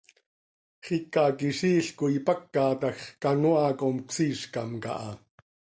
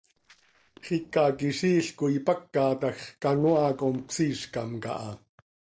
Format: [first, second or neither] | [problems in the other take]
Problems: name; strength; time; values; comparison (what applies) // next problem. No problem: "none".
first | noise reduction (neural separator model SepFormer DNS4)